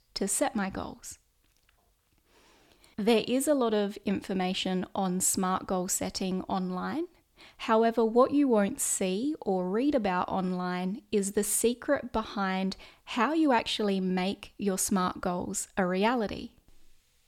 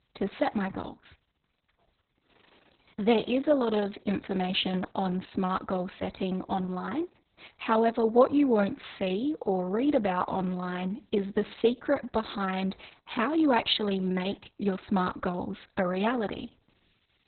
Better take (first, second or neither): first